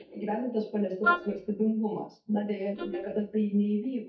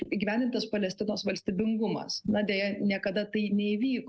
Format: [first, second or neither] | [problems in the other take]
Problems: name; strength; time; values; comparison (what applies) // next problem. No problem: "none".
second | noise reduction (neural mask model DeepFilterNet 3)